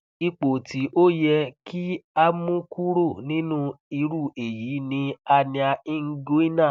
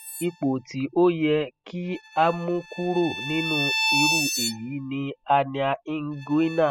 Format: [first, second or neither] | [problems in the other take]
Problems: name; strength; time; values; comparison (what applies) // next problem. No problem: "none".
first | noise reduction (classical method spectral subtraction)